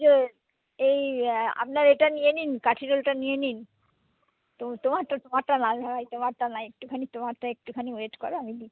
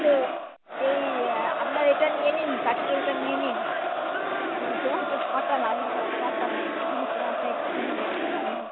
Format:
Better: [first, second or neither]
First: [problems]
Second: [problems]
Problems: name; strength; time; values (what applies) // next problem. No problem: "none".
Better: first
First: none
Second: background sound (Crowd); 1 dB above the speech